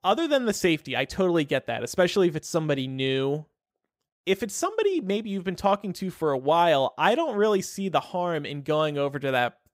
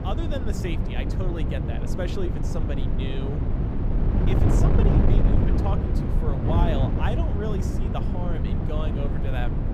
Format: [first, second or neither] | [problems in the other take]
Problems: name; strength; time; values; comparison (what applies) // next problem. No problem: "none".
first | wind noise on the microphone; heavy; 1 dB above the speech